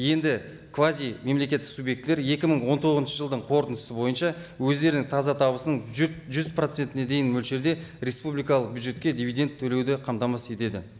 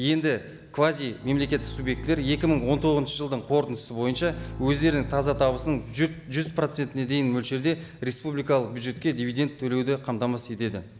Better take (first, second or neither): first